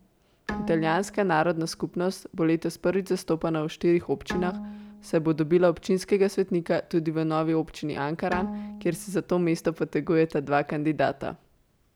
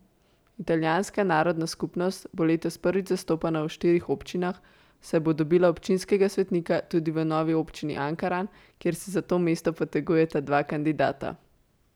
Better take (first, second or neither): second